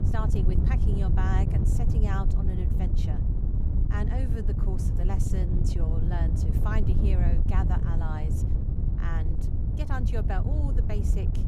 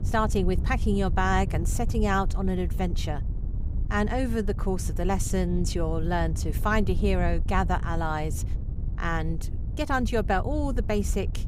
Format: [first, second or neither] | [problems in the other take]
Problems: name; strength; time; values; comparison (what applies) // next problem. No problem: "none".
second | wind noise on the microphone; heavy; 2 dB below the speech; occasional gusts in the second